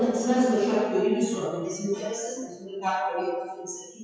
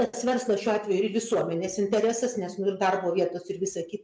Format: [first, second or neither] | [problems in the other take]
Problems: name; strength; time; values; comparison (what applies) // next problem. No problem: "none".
second | noise reduction (classical method WPE with log-MMSE)